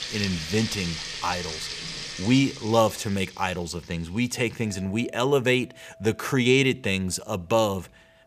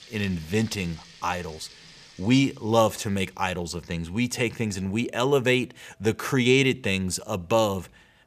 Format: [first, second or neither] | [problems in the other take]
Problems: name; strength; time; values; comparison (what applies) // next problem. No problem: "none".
second | household noises; loud; throughout; 8 dB below the speech; faint in the second